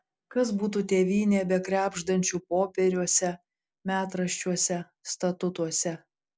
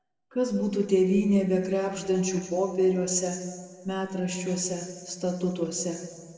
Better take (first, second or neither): first